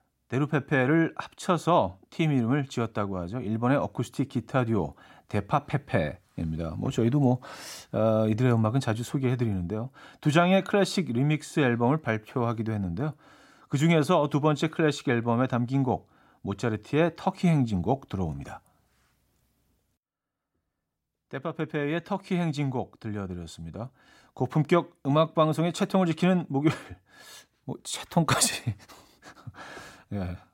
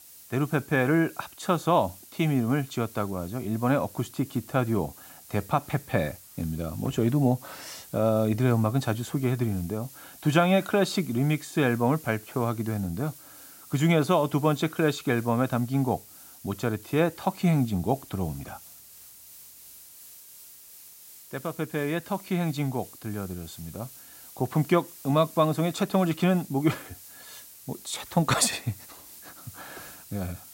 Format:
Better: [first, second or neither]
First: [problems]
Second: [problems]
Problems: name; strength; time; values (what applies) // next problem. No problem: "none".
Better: first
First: none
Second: hiss; noticeable; throughout; 20 dB below the speech